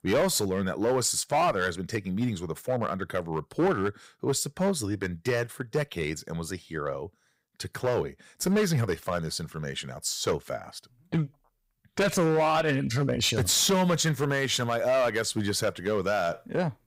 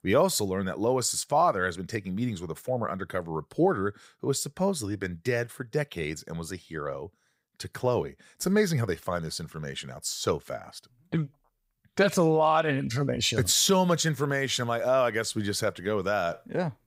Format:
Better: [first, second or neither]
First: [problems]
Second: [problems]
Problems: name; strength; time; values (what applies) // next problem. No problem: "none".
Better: second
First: distortion; slight; 7% of the sound clipped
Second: none